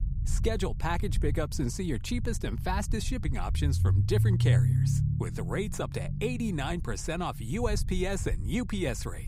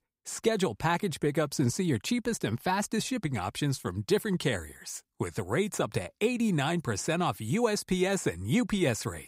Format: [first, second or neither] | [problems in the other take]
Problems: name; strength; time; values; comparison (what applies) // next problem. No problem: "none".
second | low rumble; loud; throughout; 9 dB below the speech